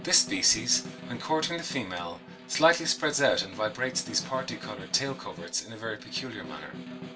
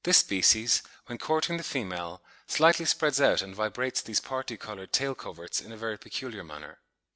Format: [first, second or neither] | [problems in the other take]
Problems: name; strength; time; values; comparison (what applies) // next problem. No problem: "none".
second | background sound (Snare drum); 13 dB below the speech // room echo; dies away in 0.2 s